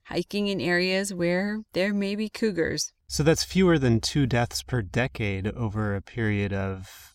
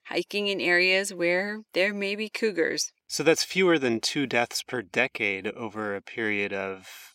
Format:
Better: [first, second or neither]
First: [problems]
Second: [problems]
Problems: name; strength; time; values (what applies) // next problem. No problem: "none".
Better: first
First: none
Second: thin; somewhat; fading below 350 Hz